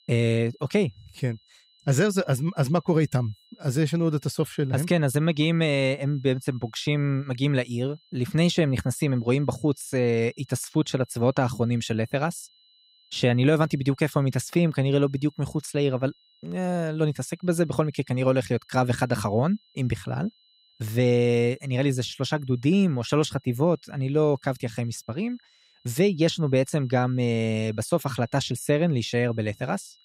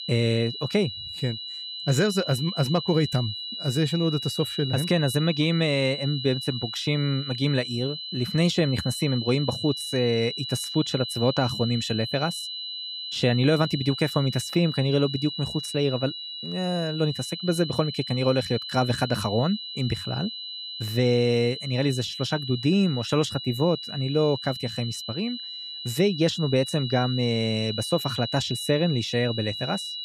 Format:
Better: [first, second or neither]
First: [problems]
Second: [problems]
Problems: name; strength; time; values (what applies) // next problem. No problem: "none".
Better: first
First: high-pitched whine; faint; throughout; 4 kHz, 35 dB below the speech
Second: high-pitched whine; loud; throughout; 4 kHz, 7 dB below the speech